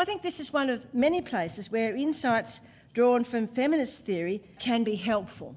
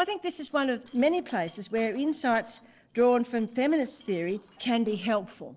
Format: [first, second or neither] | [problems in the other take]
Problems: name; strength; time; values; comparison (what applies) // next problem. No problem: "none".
first | noise reduction (neural separator model SepFormer DNS4)